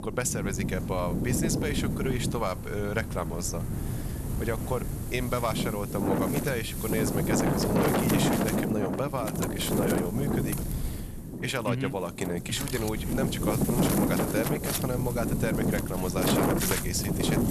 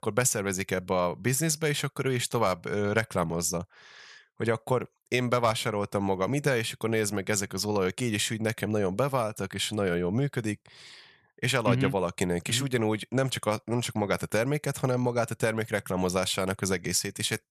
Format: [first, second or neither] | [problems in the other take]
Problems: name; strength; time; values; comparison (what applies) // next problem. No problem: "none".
second | wind noise on the microphone; heavy; as loud as the speech